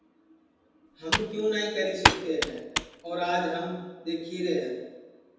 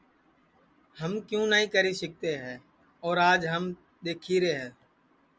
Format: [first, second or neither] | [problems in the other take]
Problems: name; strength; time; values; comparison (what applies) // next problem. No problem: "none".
second | background sound (Computer keyboard); 2 dB above the speech // room echo; dies away in 1.1 s